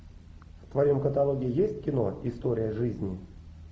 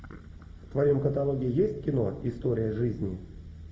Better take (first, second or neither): first